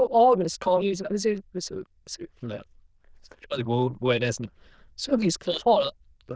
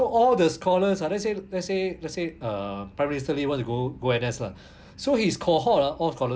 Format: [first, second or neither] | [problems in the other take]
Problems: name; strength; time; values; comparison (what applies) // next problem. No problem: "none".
second | noise reduction (neural diffusion model UNIVERSE++)